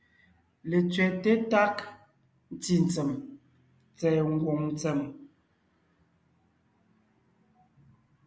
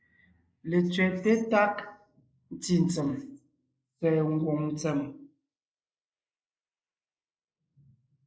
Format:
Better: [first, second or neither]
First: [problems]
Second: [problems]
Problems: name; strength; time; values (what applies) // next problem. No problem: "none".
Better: first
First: none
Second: noise reduction (neural mask model Resemble Enhance denoiser)